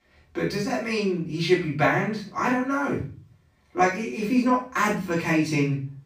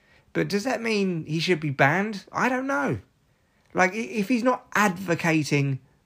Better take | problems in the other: second | off-mic speech; far // room echo; noticeable; dies away in 0.4 s

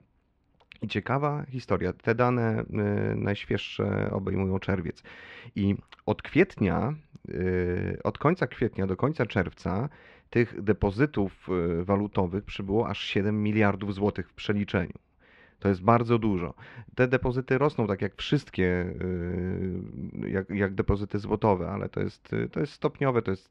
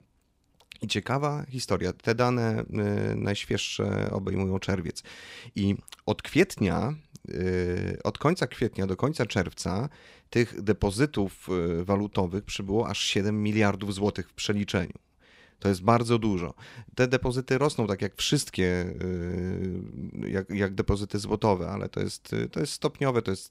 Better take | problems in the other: second | muffled; very; fading above 2 kHz

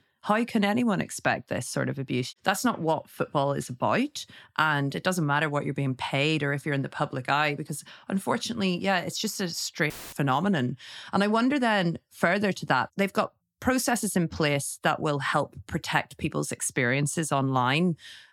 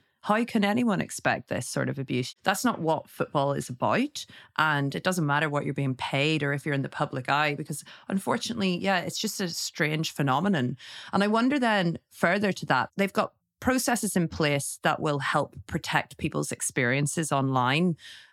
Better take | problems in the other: second | audio cutting out; filled with static; at 10 s

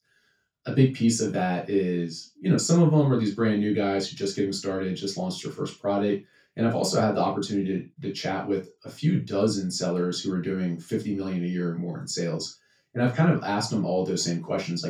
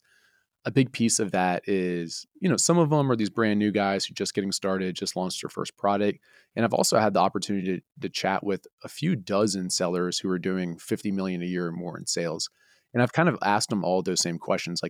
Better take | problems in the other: second | room echo; slight; dies away in 0.2 s // off-mic speech; far

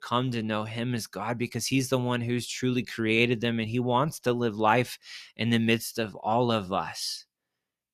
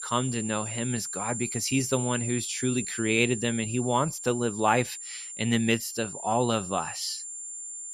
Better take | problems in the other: first | high-pitched whine; loud; throughout; 7.5 kHz, 6 dB below the speech

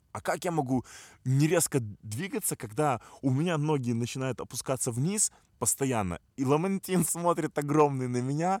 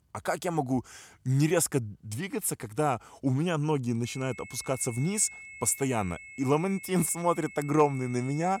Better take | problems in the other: first | high-pitched whine; noticeable; from 4 s on; 2 kHz, 15 dB below the speech

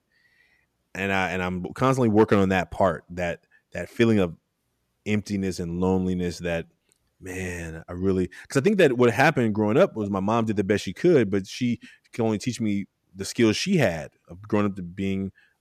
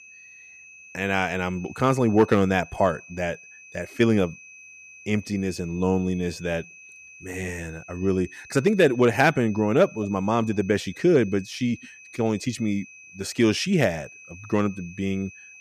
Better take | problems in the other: first | high-pitched whine; faint; throughout; 2.5 kHz, 20 dB below the speech

